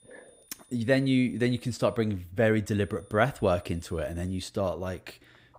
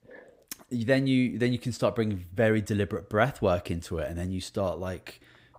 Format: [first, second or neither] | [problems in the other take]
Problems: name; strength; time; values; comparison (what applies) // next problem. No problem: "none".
second | high-pitched whine; faint; until 2 s and from 3 to 4.5 s; 9.5 kHz, 30 dB below the speech